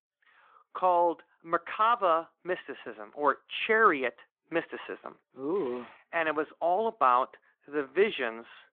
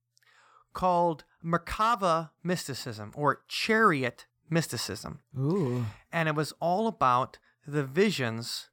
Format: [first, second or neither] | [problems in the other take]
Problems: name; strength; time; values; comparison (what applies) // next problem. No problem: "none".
second | phone-call audio; nothing above 3.5 kHz